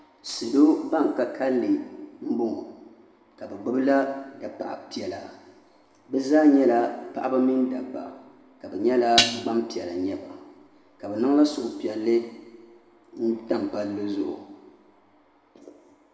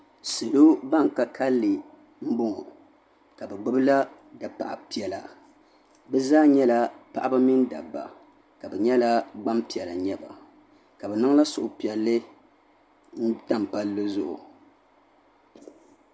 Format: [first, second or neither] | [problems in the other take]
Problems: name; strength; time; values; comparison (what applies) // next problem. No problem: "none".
second | background sound (Dishes, pots, and pans); 1 dB above the speech // room echo; dies away in 1.4 s